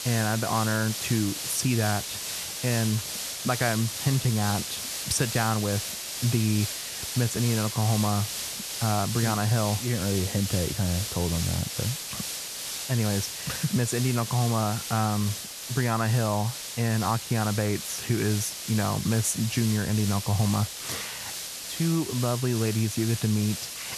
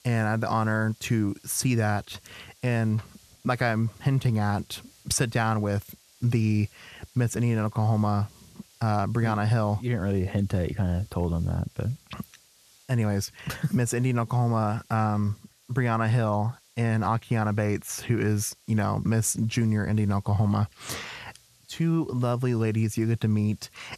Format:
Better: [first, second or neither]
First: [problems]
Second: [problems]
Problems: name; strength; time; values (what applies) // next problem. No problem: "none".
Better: second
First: hiss; loud; throughout; 5 dB below the speech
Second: hiss; faint; throughout; 30 dB below the speech